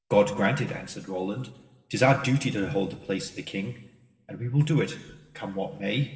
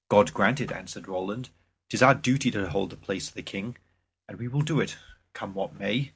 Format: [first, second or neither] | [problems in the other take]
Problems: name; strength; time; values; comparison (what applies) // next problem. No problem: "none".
second | room echo; dies away in 1.1 s